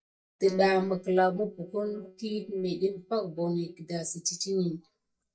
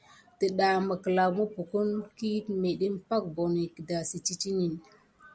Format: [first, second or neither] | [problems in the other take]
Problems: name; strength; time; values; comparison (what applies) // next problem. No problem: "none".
second | noise reduction (neural mask model DeepFilterNet 3)